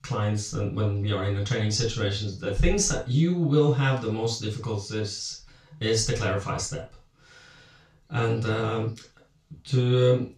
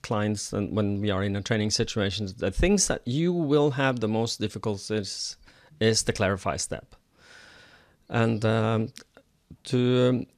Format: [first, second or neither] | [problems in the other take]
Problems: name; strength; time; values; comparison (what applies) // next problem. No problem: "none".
second | room echo; noticeable; dies away in 0.3 s // off-mic speech; far